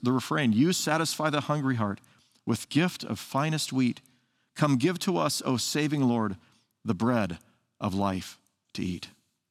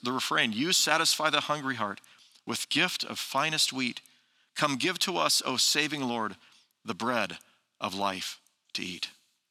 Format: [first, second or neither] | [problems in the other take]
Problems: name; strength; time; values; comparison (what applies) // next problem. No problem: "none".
first | thin; somewhat; fading below 850 Hz